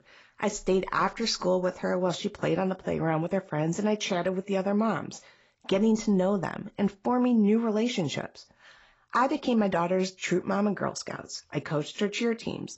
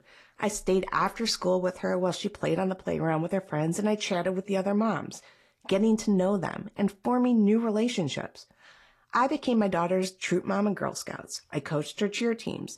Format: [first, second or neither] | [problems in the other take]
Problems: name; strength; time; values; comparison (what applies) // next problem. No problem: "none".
second | garbled, watery; badly; nothing above 7.5 kHz; slightly in the second